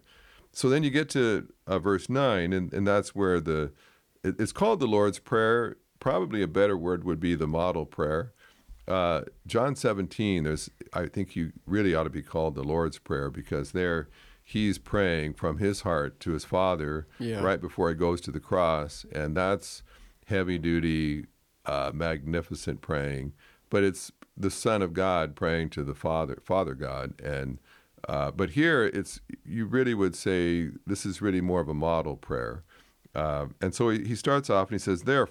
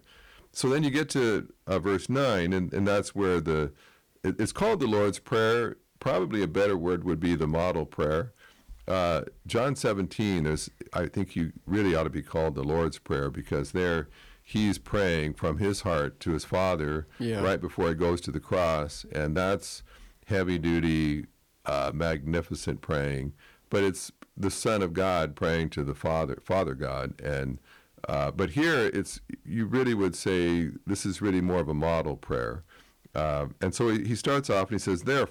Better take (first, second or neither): first